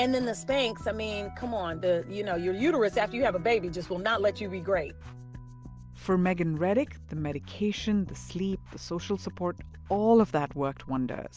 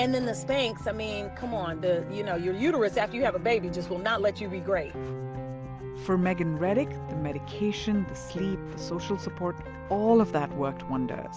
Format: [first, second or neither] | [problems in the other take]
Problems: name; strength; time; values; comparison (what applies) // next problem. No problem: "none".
first | background sound (Piano); 10 dB below the speech